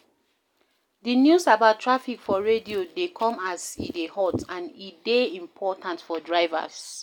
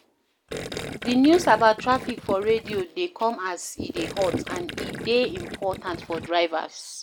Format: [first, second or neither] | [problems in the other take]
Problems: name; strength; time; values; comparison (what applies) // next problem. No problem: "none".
first | background sound (Gurgling); 10 dB below the speech